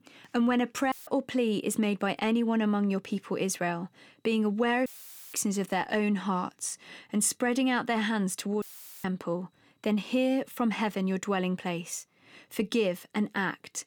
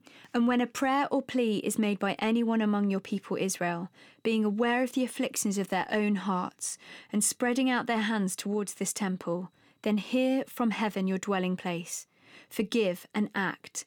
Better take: second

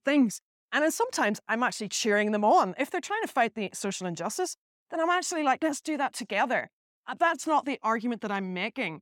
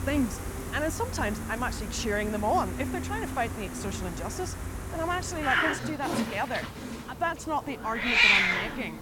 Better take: first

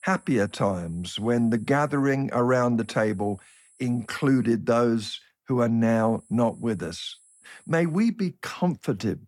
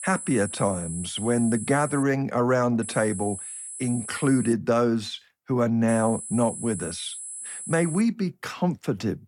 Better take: first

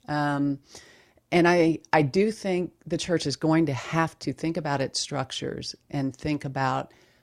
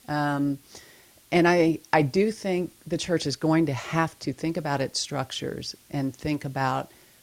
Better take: first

